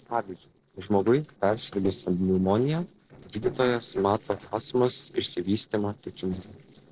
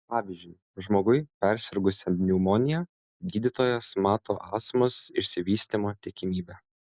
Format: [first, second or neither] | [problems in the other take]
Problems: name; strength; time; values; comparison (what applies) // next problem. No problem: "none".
second | noise reduction (neural separator model SepFormer DNS4)